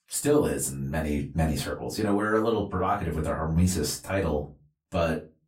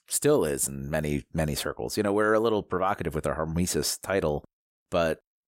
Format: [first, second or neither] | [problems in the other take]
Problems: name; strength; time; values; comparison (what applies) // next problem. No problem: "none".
second | off-mic speech; far // room echo; very slight; dies away in 0.2 s